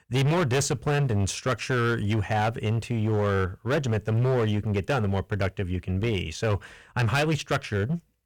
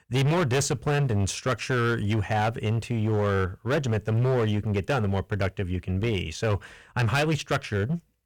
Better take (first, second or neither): neither